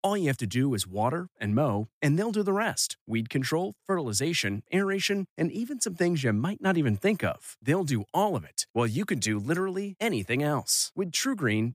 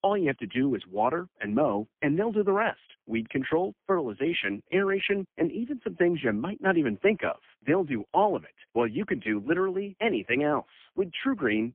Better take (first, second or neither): first